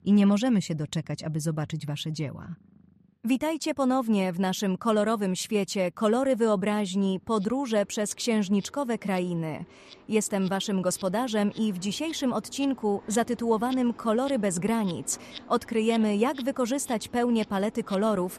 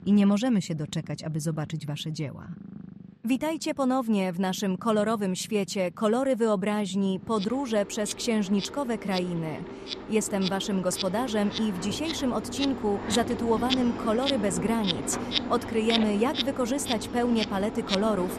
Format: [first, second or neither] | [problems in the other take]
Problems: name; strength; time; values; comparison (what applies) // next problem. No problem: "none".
first | animal sounds; loud; throughout; 6 dB below the speech; faint in the first